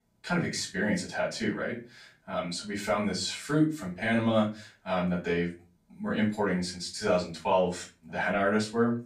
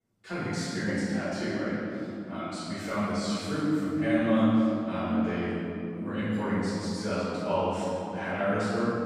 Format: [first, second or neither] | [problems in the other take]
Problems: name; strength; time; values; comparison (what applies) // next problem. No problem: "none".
first | room echo; strong; dies away in 3 s; slight in the first // off-mic speech; far; far in the first